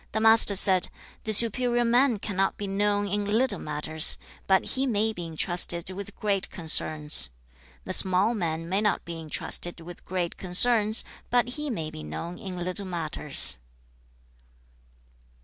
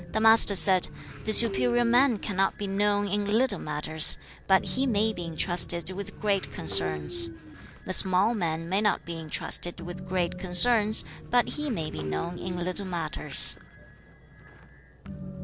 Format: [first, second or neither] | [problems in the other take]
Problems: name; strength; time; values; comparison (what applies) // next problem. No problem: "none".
first | background sound (Train); 11 dB below the speech